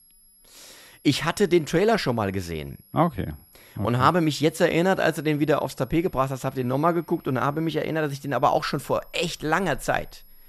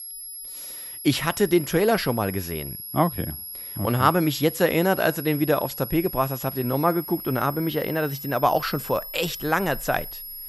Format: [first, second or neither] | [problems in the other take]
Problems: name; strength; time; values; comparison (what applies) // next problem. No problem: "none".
first | high-pitched whine; loud; throughout; 11.5 kHz, 10 dB below the speech; faint in the first